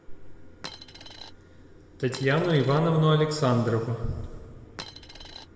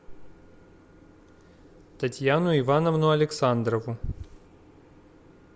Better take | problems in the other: second | background sound (Coin (dropping)); 16 dB below the speech // room echo; dies away in 2.3 s

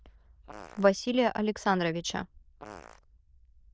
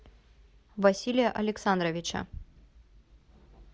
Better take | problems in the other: second | noise reduction (neural diffusion model UNIVERSE++)

